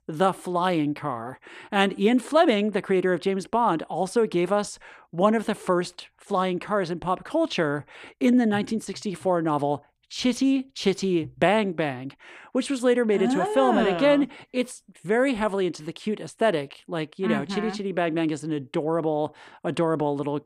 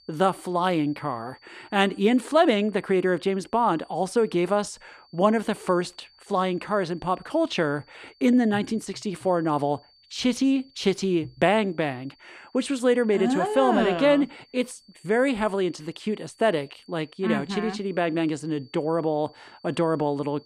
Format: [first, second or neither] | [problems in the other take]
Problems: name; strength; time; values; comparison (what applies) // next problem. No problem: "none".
first | high-pitched whine; faint; throughout; 4.5 kHz, 30 dB below the speech